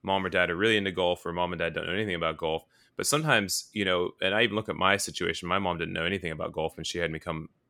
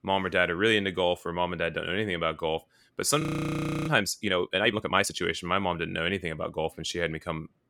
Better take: first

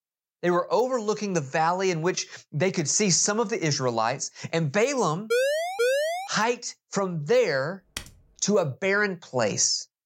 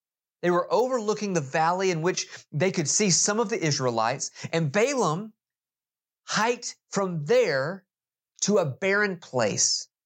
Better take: second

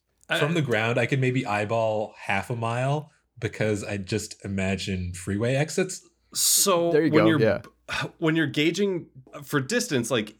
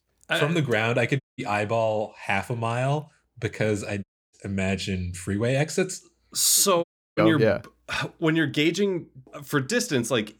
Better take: first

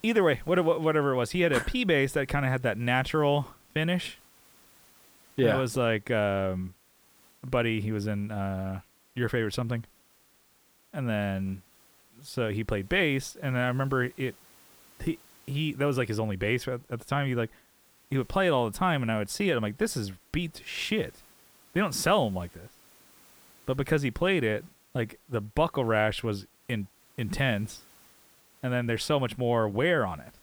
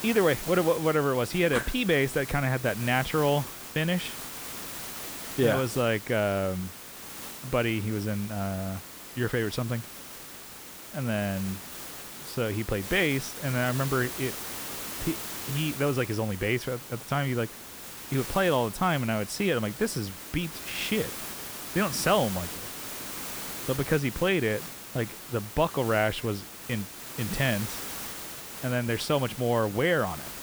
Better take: first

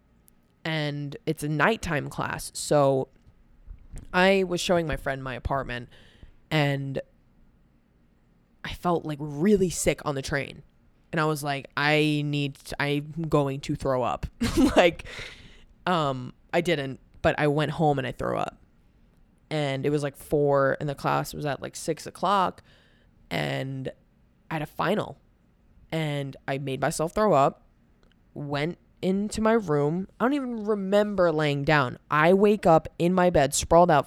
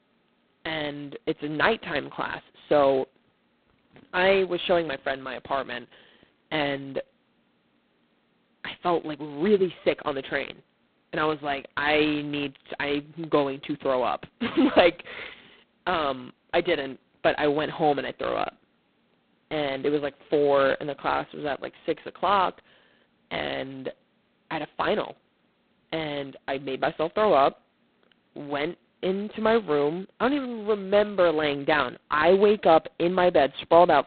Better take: first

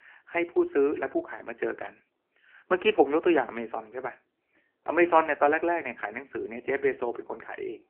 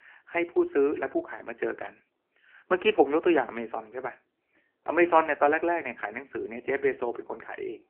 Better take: neither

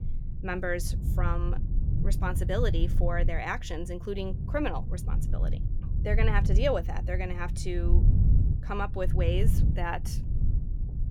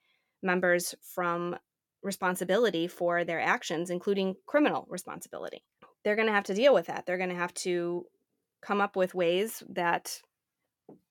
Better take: second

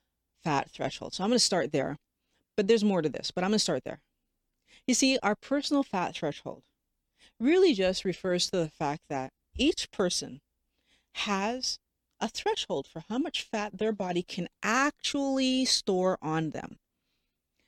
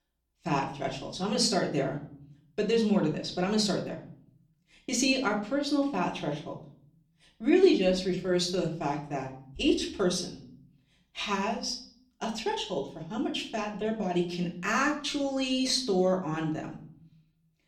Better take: first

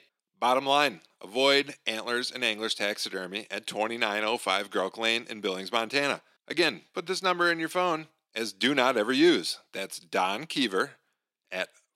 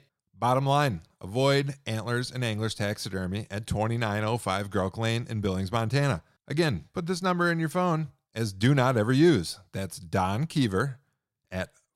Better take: second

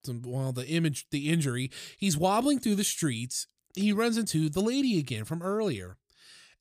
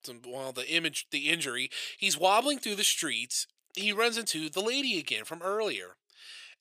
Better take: first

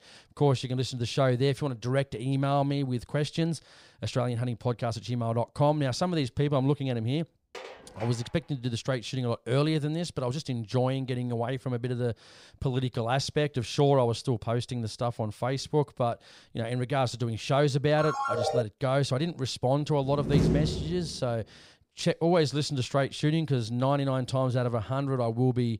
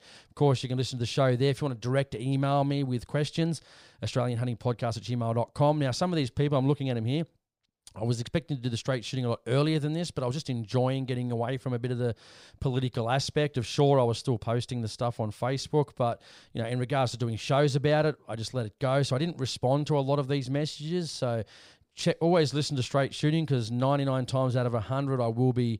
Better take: second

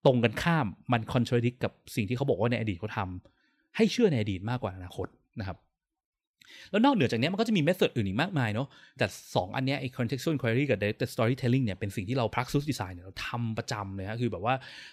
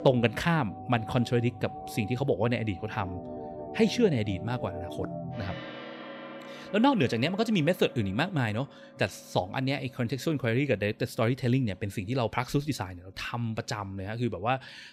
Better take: first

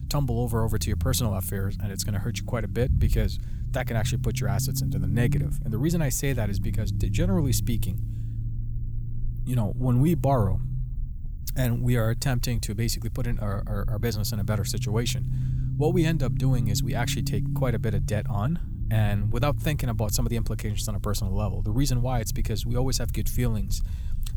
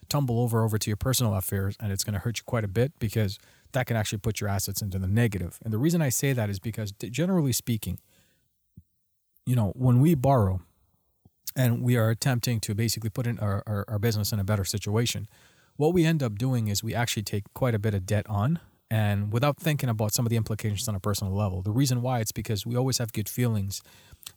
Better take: second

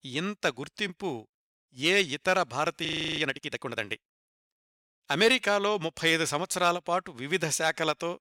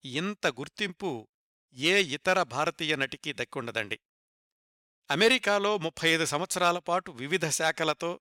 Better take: second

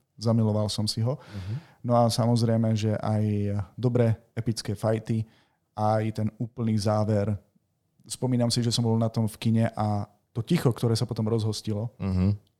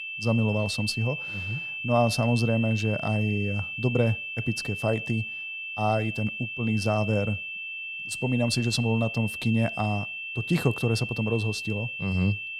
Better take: first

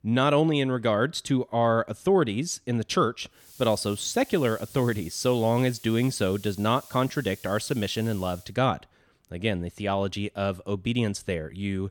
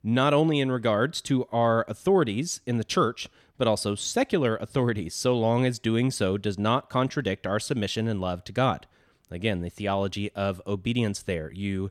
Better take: second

